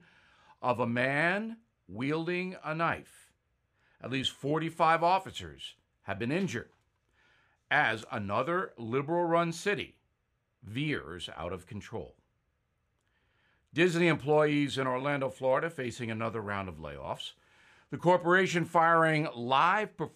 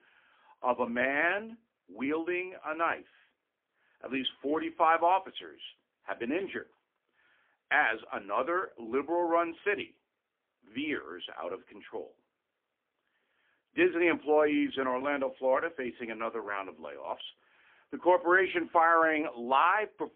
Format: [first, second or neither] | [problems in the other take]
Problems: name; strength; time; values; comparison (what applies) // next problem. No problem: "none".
first | phone-call audio; poor line; nothing above 3.5 kHz